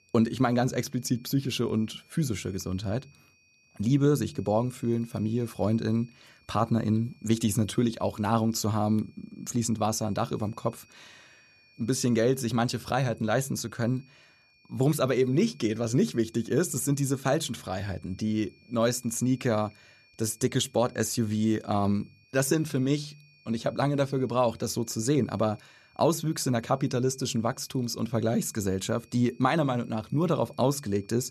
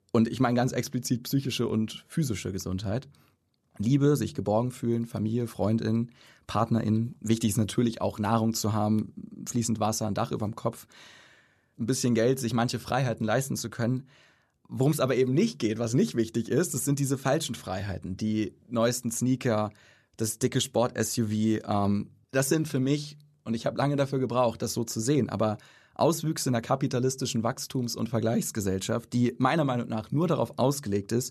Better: second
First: high-pitched whine; faint; throughout; 2.5 kHz, 30 dB below the speech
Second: none

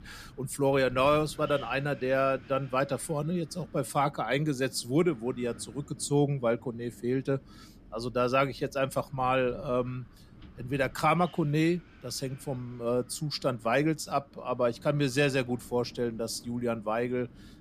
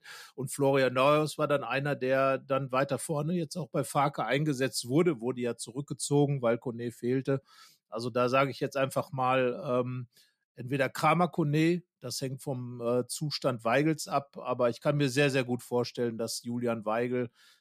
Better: second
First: wind in the background; faint; throughout; 20 dB below the speech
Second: none

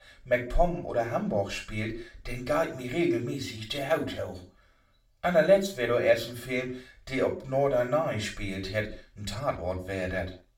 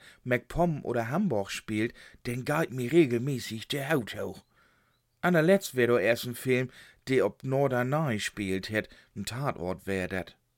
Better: second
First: room echo; slight; dies away in 0.3 s // off-mic speech; far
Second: none

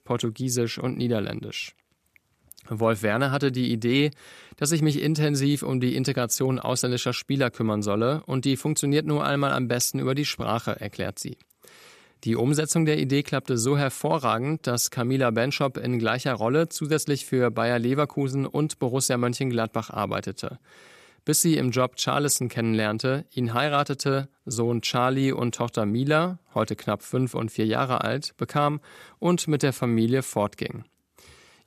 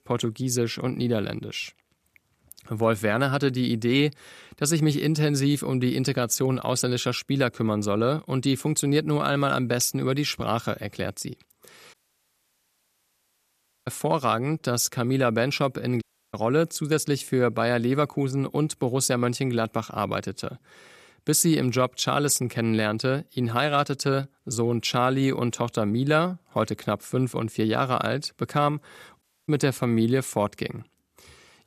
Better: first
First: none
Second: audio cutting out; at 12 s for 2 s, at 16 s and at 29 s

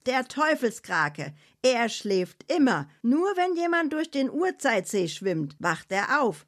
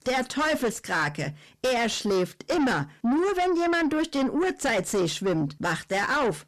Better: first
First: none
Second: distortion; heavy; 6 dB below the speech

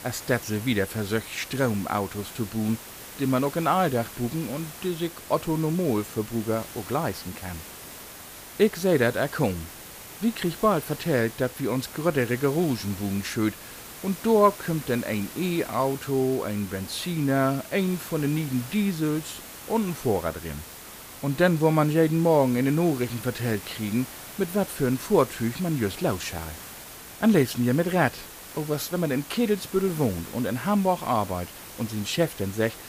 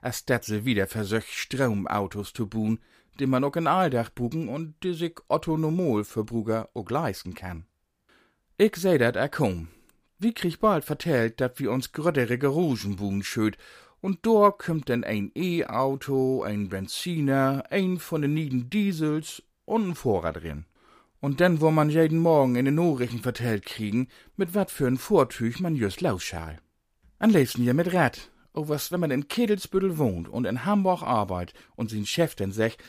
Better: second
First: hiss; noticeable; throughout; 15 dB below the speech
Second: none

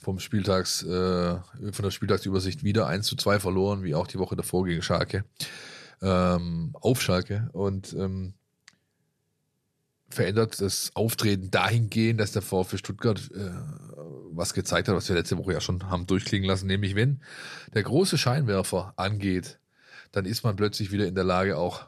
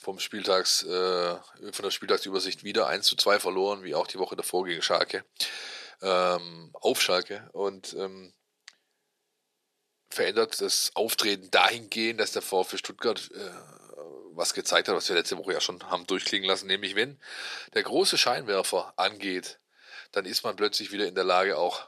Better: first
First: none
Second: thin; very; fading below 350 Hz

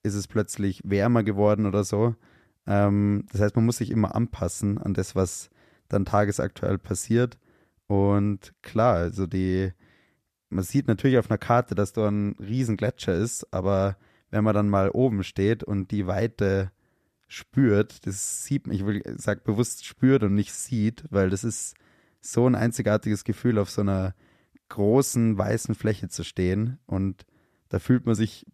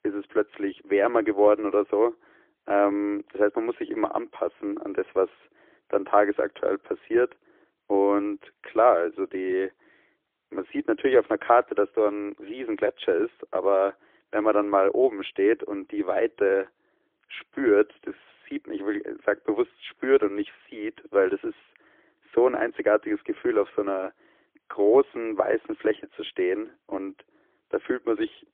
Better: first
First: none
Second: phone-call audio; poor line; nothing above 3.5 kHz

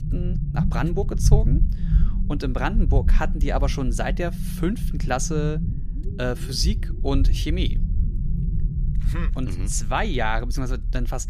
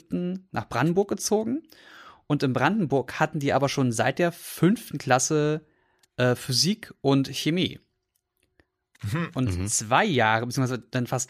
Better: second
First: low rumble; noticeable; throughout; 10 dB below the speech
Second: none

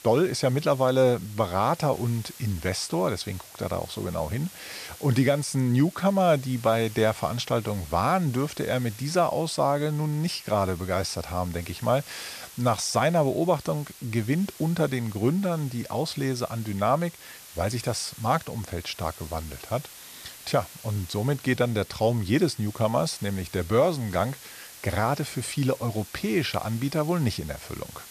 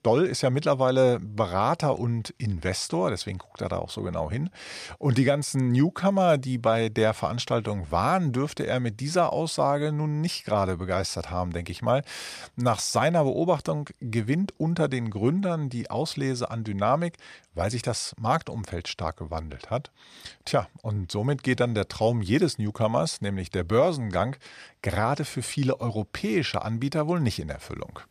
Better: second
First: hiss; noticeable; throughout; 15 dB below the speech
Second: none

